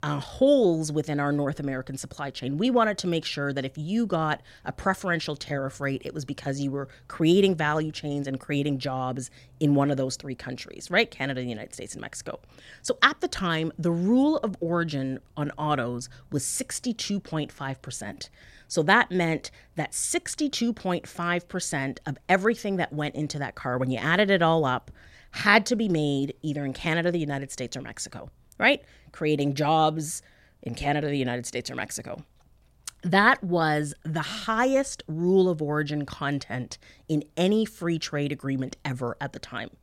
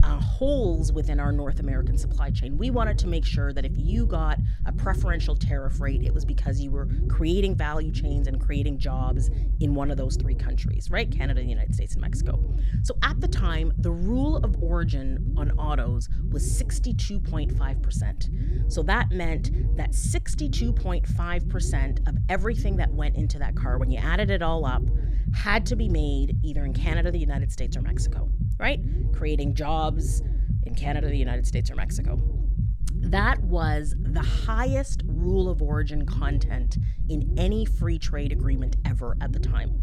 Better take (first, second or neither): first